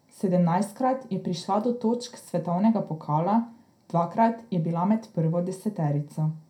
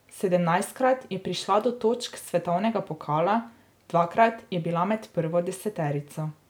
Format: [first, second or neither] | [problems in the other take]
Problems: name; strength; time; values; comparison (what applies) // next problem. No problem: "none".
second | room echo; dies away in 0.2 s